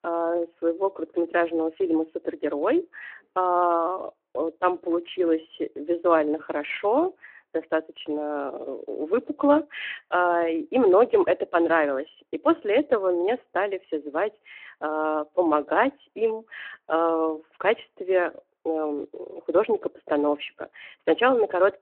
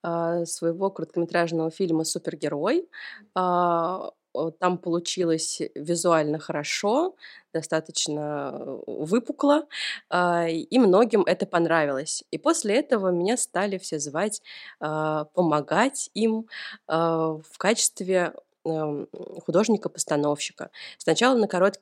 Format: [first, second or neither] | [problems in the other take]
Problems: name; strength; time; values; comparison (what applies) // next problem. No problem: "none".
second | phone-call audio